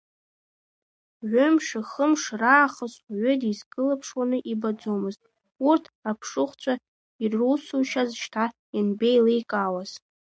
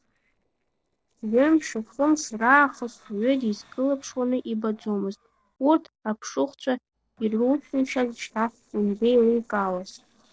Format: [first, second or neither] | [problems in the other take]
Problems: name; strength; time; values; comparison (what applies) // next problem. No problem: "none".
first | noise reduction (neural separator model SepFormer DNS4)